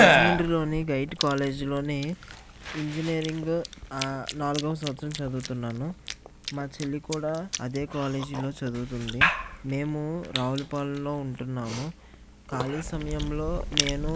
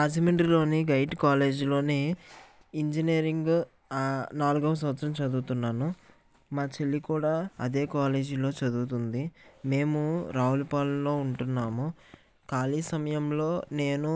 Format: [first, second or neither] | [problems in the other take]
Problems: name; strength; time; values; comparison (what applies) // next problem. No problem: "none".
second | background sound (Chewing, mastication / Cough); as loud as the speech